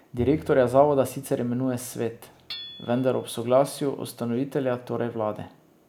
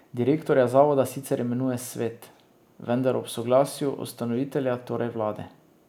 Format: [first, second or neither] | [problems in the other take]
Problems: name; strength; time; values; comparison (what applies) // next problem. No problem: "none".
second | background sound (Bowed string instrument + Hammer / Chink, clink); 20 dB below the speech